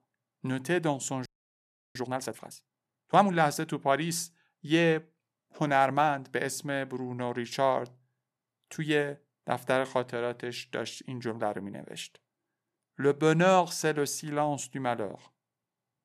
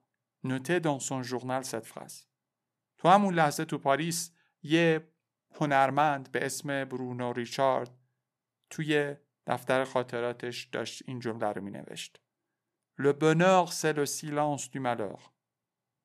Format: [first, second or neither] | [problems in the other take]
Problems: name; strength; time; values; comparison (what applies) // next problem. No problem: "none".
second | audio freezing; at 1.5 s for 0.5 s